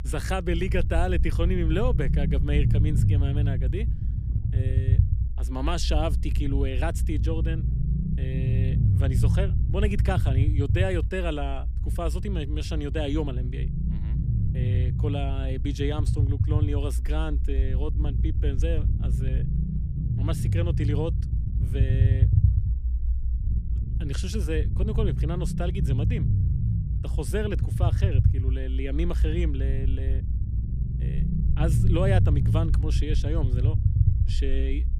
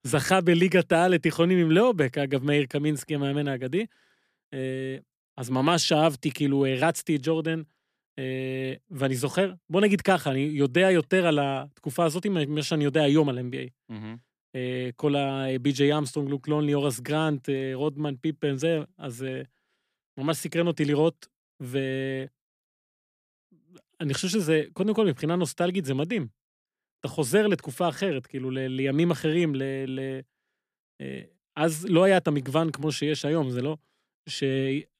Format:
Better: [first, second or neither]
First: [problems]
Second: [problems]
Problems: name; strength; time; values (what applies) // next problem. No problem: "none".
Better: second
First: low rumble; loud; throughout; 6 dB below the speech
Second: none